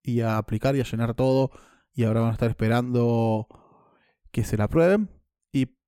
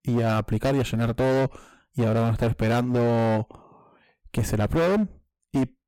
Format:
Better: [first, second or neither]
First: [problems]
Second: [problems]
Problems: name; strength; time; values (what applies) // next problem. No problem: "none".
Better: first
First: none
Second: distortion; heavy; 20% of the sound clipped